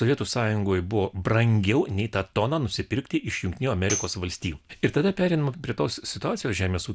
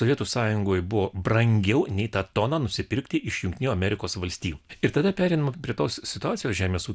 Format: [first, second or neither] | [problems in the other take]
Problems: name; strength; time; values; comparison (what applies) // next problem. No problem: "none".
second | background sound (Tambourine); 12 dB below the speech